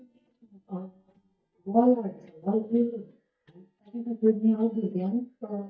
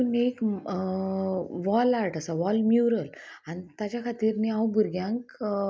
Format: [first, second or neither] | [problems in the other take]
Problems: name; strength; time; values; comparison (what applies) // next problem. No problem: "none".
second | noise reduction (neural mask model DeepFilterNet 3)